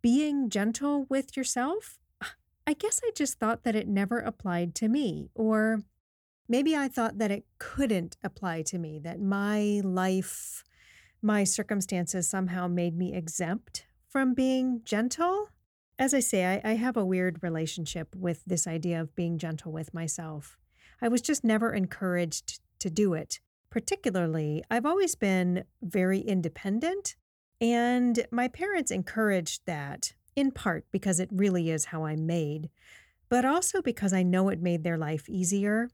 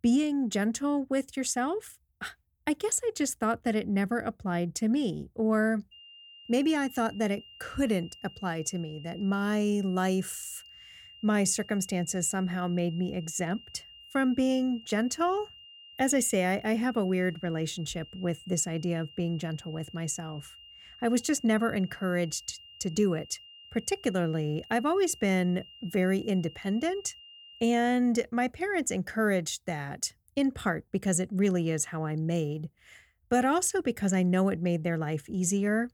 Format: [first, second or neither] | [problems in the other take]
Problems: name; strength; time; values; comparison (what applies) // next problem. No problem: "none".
first | high-pitched whine; noticeable; from 6 to 28 s; 3 kHz, 20 dB below the speech